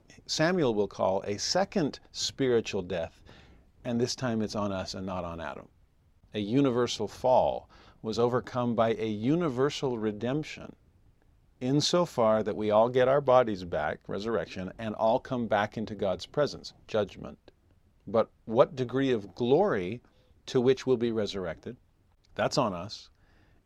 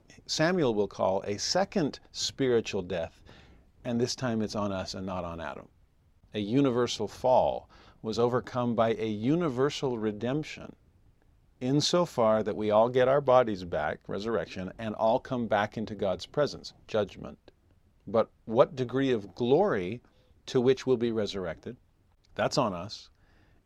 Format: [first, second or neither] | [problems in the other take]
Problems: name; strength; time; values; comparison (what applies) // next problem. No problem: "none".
neither | none